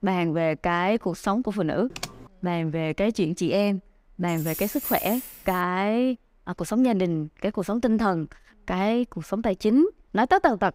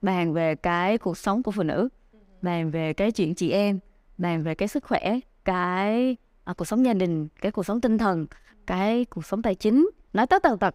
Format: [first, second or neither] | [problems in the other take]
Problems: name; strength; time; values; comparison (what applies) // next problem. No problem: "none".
second | keyboard typing; faint; at 2 s; peak 10 dB below the speech // jangling keys; noticeable; from 4.5 to 5.5 s; peak 4 dB below the speech